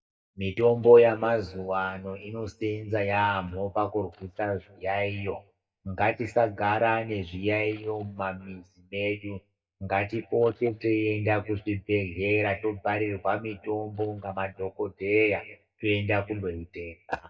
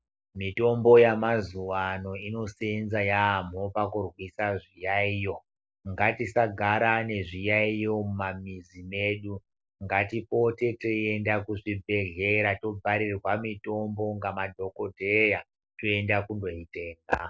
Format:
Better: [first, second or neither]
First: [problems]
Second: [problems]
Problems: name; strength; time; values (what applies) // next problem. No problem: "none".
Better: second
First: noise reduction (neural mask model DeepFilterNet 3)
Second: none